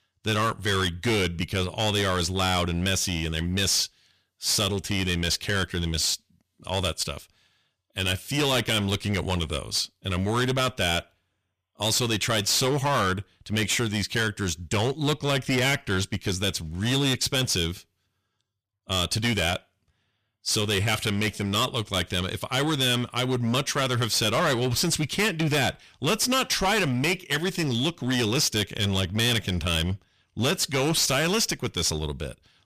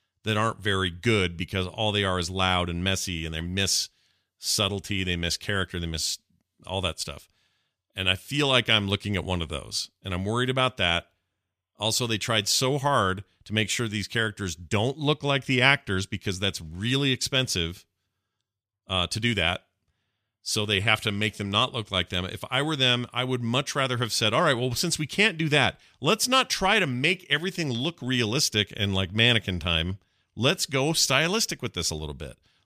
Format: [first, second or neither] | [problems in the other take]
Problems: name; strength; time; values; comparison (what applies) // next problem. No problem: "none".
second | distortion; heavy; 13% of the sound clipped